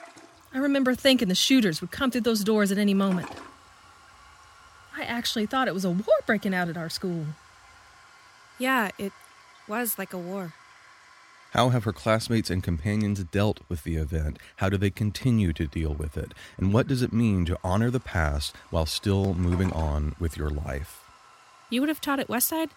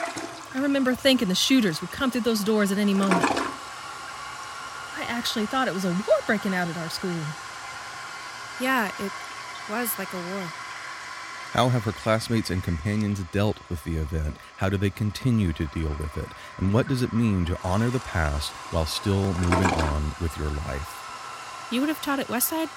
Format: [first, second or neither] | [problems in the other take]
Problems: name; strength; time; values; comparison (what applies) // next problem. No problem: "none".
first | household noises; loud; throughout; 8 dB below the speech; faint in the first